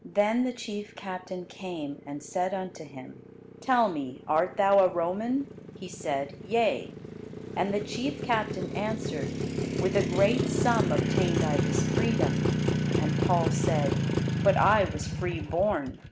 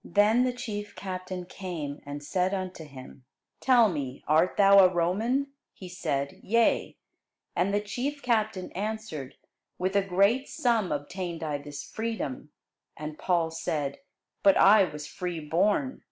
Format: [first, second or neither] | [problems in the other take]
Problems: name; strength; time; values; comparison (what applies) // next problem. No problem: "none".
second | background sound (Motorcycle); 1 dB below the speech